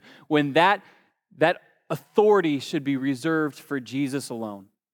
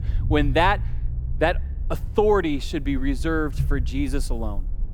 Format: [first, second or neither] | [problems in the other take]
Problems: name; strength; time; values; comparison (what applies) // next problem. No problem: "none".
first | low rumble; faint; throughout; 20 dB below the speech